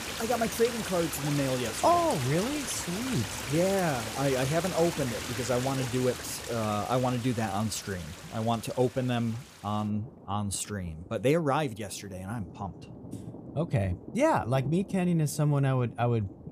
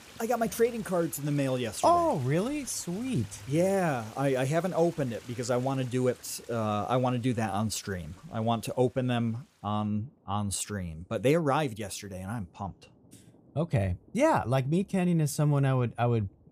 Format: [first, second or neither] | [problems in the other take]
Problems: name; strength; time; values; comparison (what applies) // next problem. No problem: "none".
second | rain or running water; loud; throughout; 8 dB below the speech; faint in the second